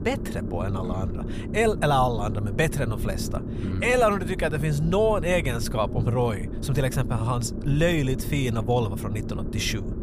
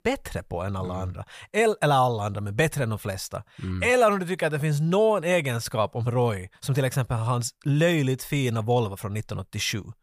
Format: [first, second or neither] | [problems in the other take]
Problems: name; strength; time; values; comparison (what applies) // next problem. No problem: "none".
second | low rumble; noticeable; throughout; 15 dB below the speech